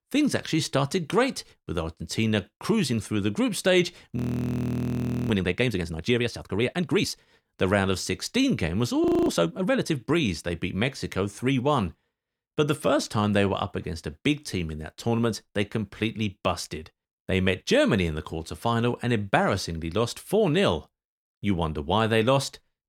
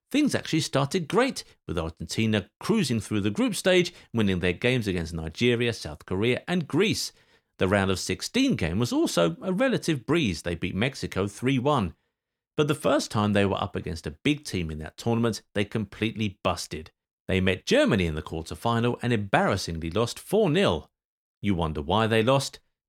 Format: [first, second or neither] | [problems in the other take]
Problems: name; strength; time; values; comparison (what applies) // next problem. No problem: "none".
second | audio freezing; at 4 s for 1 s and at 9 s